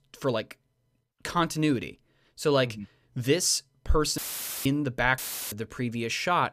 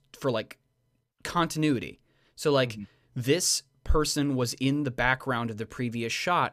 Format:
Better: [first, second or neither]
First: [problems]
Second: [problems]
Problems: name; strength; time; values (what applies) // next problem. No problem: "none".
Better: second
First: audio cutting out; filled with static; at 4 s and at 5 s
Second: none